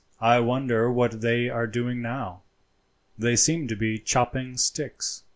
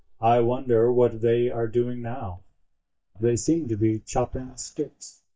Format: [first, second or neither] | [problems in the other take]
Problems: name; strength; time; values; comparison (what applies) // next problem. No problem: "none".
first | noise reduction (neural mask model DeepFilterNet 3)